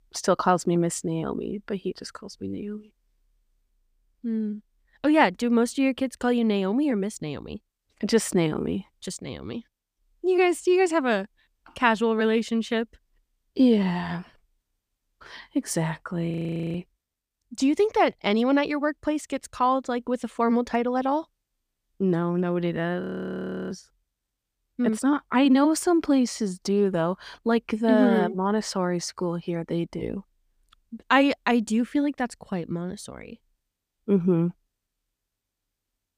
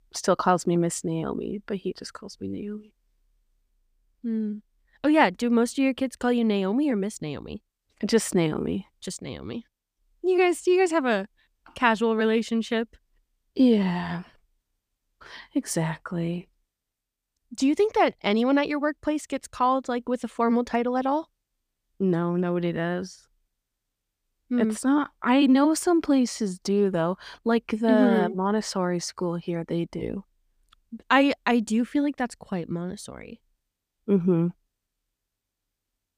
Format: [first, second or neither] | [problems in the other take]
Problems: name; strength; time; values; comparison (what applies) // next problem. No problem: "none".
second | audio freezing; at 16 s and at 23 s for 0.5 s